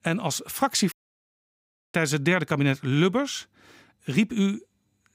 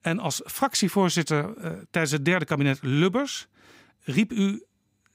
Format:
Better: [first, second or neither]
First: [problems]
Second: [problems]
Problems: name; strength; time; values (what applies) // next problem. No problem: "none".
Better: second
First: audio cutting out; at 1 s for 1 s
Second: none